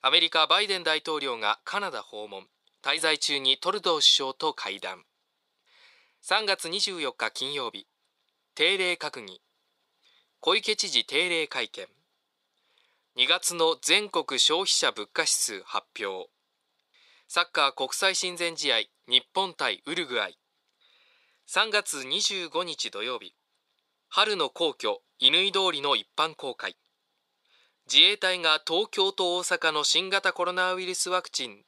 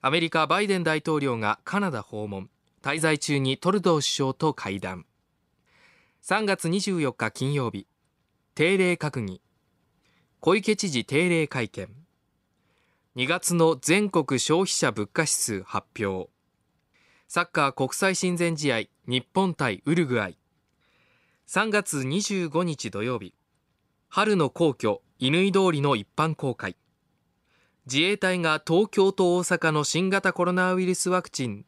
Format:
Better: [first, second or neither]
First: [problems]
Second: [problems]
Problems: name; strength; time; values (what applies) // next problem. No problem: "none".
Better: second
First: thin; very; fading below 550 Hz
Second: none